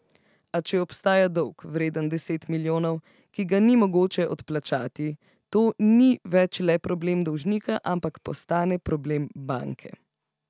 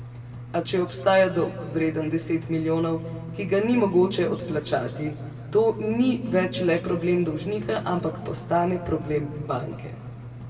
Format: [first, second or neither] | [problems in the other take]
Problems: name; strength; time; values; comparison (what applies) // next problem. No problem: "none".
first | background sound (Engine); 13 dB below the speech // room echo; dies away in 1.7 s